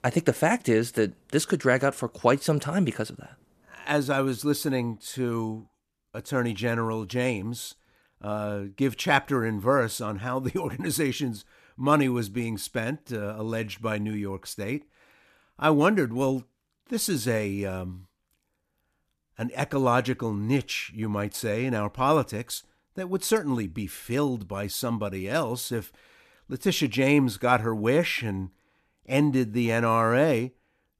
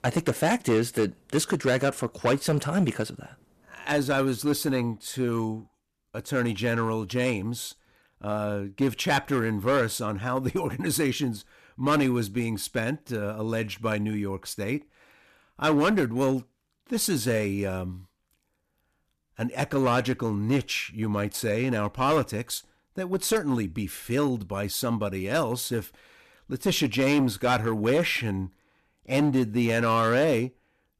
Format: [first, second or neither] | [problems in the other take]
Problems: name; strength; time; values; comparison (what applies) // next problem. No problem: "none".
first | distortion; slight; 5% of the sound clipped